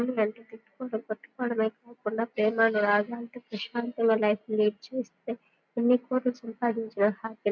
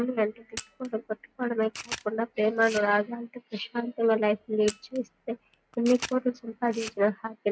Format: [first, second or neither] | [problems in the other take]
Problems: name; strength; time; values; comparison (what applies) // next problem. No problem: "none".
first | background sound (Camera); 16 dB below the speech